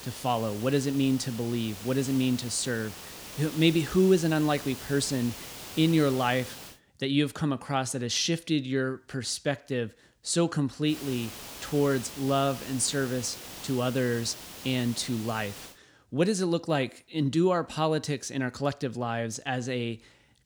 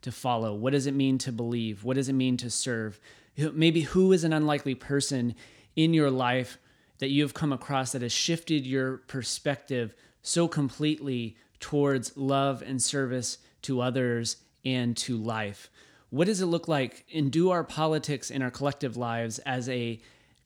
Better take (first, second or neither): second